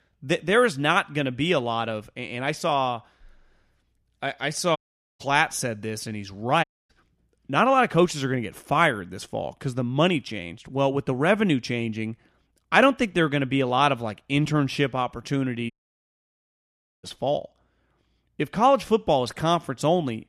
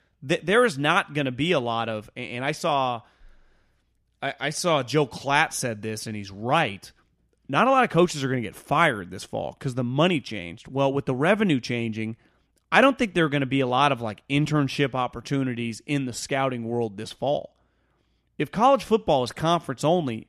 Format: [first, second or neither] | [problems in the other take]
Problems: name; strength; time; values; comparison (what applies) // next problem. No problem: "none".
second | audio cutting out; at 5 s, at 6.5 s and at 16 s for 1.5 s